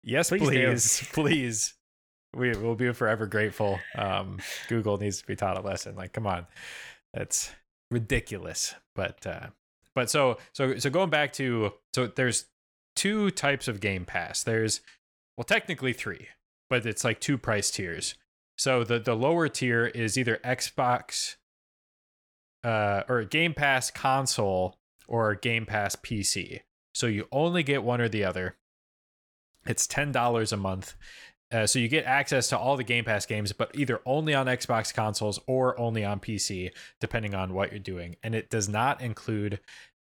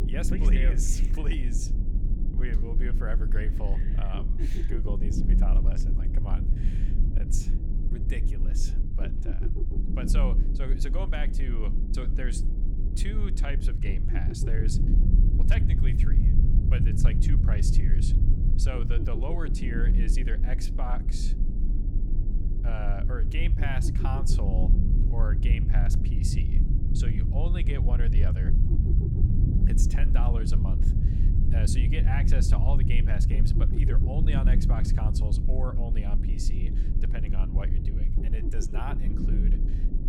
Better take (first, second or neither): first